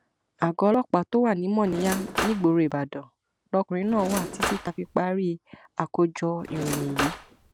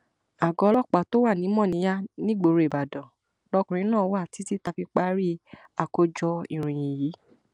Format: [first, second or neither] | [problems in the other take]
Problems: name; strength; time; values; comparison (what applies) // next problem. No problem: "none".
second | background sound (Cutlery, silverware / Drawer open or close); 6 dB below the speech